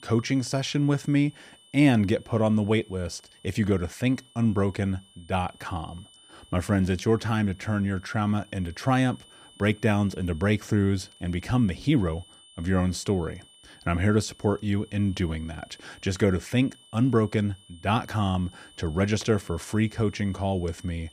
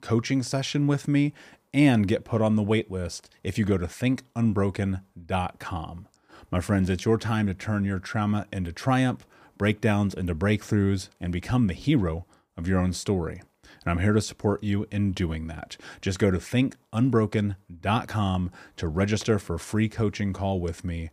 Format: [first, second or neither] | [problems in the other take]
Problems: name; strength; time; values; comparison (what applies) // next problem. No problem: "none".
second | high-pitched whine; faint; throughout; 3 kHz, 25 dB below the speech